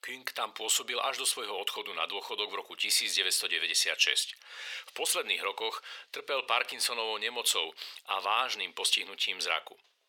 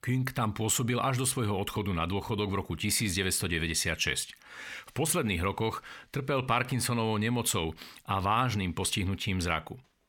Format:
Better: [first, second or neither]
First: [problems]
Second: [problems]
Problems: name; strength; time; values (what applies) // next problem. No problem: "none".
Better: second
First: thin; very; fading below 500 Hz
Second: none